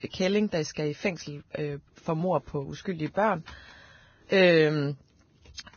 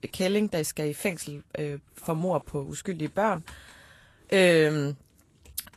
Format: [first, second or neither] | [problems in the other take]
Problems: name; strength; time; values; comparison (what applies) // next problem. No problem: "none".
second | garbled, watery; badly; nothing above 6.5 kHz; slightly in the second